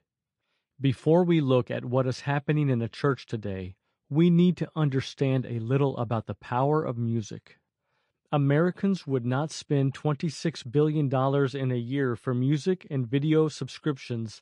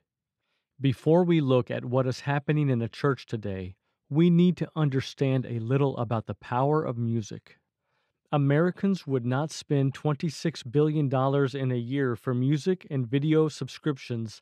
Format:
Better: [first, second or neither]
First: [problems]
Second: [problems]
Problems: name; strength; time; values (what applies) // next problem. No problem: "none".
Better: second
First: garbled, watery; slightly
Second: none